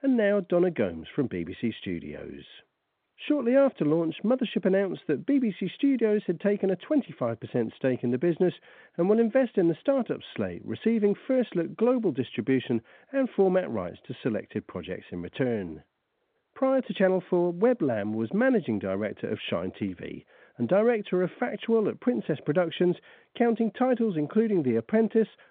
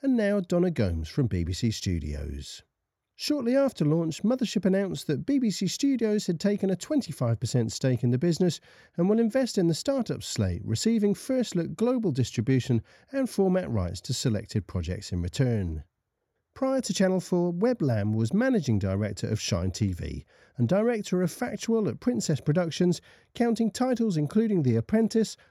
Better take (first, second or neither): second